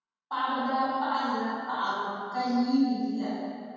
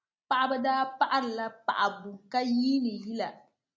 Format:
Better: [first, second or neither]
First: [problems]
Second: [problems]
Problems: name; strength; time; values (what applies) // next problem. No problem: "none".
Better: second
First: room echo; dies away in 2.1 s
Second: none